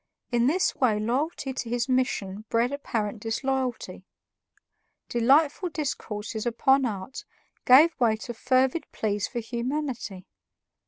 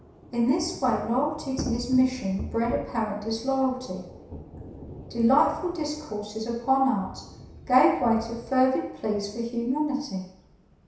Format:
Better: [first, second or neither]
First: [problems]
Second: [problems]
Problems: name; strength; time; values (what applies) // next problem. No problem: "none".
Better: first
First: none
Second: background sound (Thunder / Rain); 15 dB below the speech // room echo; dies away in 0.7 s